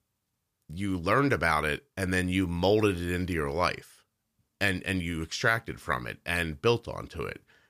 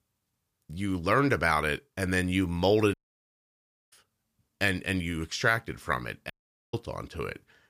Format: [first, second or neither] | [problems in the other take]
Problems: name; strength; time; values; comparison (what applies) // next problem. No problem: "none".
first | audio cutting out; at 3 s for 1 s and at 6.5 s